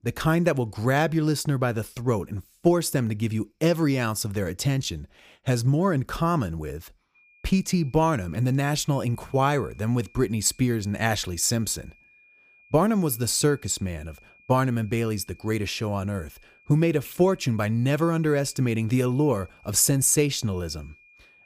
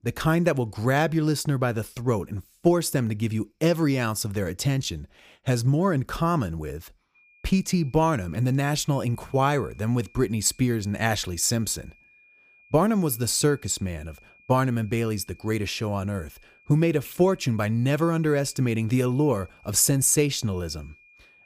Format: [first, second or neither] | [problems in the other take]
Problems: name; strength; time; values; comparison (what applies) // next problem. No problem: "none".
neither | high-pitched whine; faint; from 7 s on; 2.5 kHz, 30 dB below the speech; the same in both